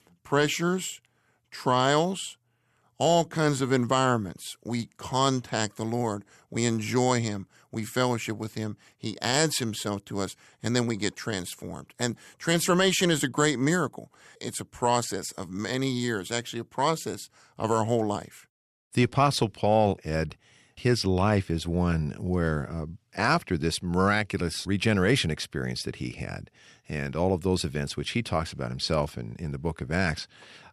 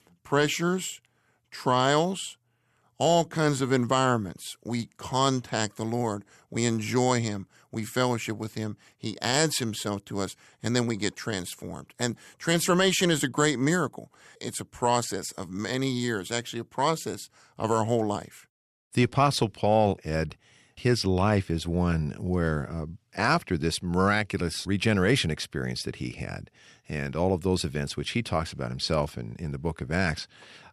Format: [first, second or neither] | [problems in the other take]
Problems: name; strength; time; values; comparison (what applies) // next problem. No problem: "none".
neither | none